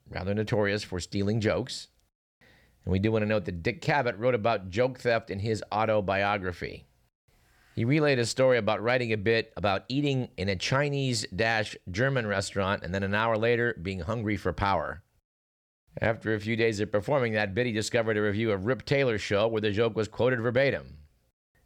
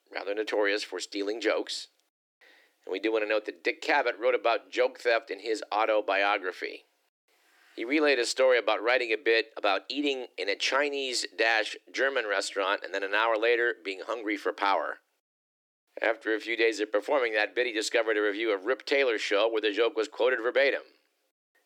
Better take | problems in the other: first | thin; somewhat; fading below 300 Hz

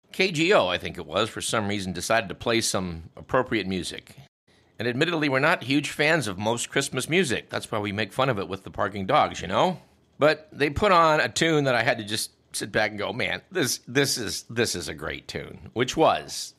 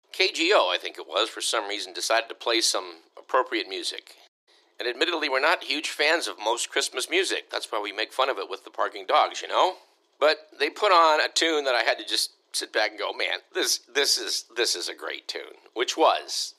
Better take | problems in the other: first | thin; very; fading below 350 Hz

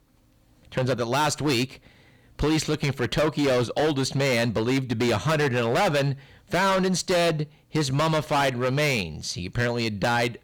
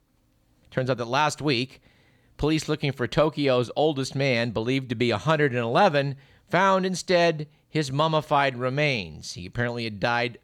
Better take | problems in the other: second | distortion; heavy; 17% of the sound clipped

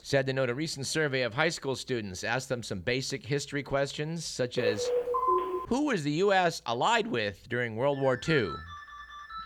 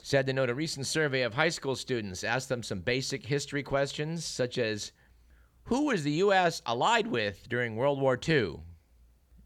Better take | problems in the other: second | phone ringing; loud; from 4.5 to 5.5 s; peak 2 dB above the speech // phone ringing; faint; from 8 s on; peak 10 dB below the speech

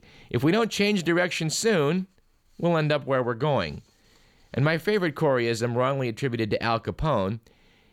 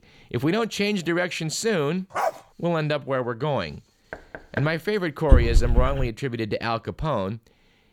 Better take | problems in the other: first | dog barking; noticeable; at 2 s; peak 1 dB below the speech // door banging; noticeable; at 4 s; peak 9 dB below the speech // dog barking; loud; at 5.5 s; peak 5 dB above the speech

